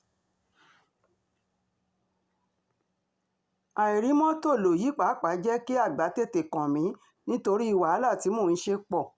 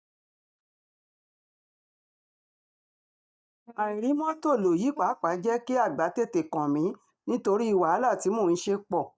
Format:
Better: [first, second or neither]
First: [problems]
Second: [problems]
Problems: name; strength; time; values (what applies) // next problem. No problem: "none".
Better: first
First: none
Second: noise reduction (neural mask model DeepFilterNet 3)